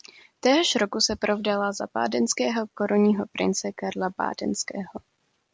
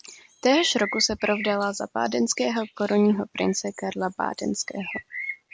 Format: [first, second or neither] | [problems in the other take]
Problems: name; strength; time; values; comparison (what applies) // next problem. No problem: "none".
first | background sound (Bird); 14 dB below the speech